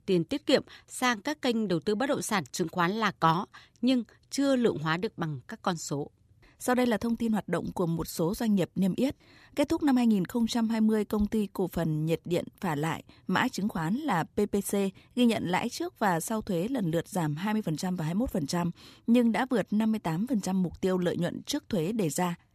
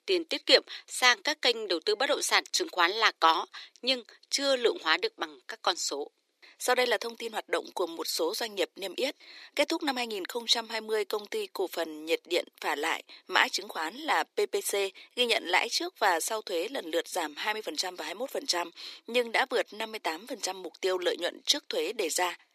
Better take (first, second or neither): first